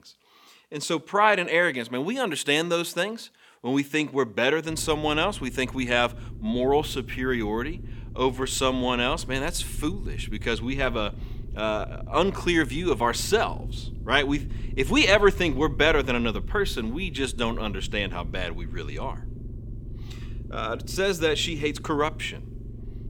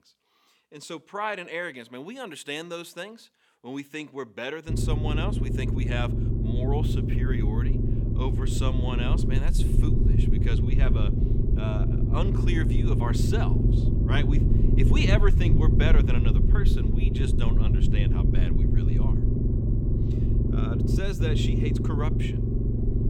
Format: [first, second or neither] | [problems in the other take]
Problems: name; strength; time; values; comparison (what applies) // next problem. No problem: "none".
first | low rumble; loud; from 4.5 s on; 1 dB below the speech; faint in the first